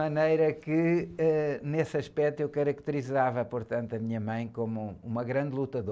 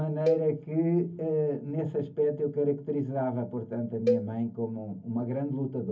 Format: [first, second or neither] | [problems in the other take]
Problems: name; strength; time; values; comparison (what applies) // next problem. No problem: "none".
first | background sound (Cowbell); 5 dB below the speech // room echo; dies away in 0.3 s